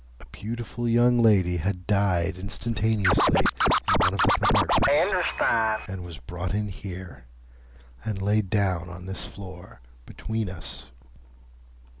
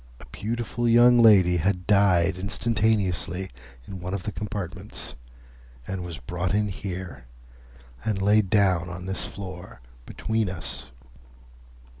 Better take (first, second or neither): second